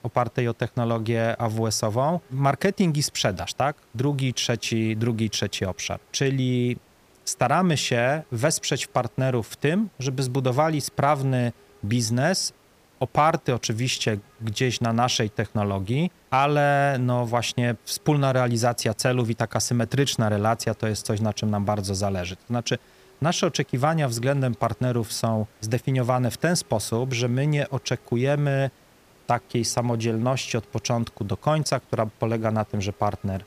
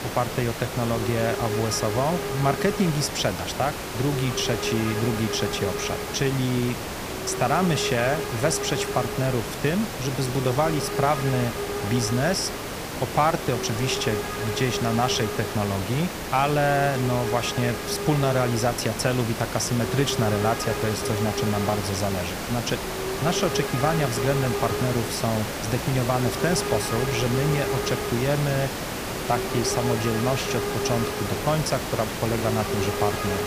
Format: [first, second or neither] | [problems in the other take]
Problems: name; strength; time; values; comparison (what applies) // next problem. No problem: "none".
first | hiss; loud; throughout; 3 dB below the speech; faint in the first